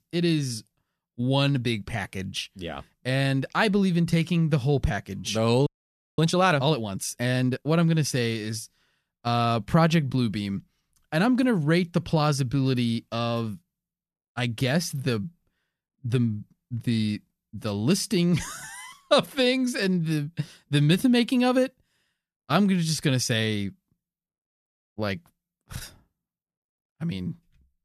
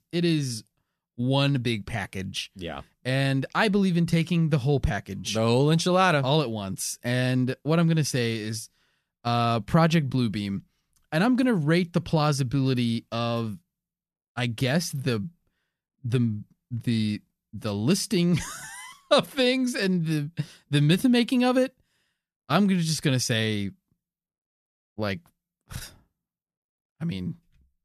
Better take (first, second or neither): second